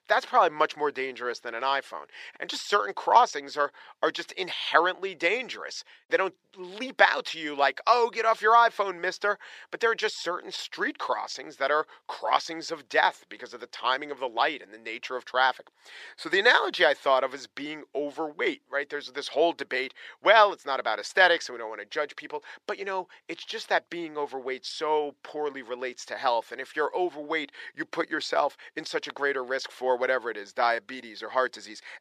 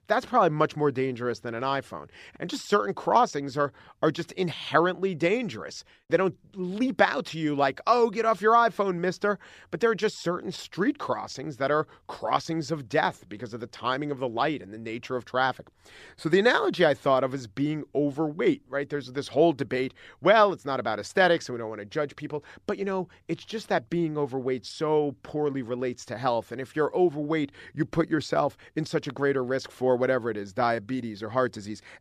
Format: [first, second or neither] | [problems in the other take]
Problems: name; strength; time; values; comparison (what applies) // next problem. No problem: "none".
second | thin; very; fading below 500 Hz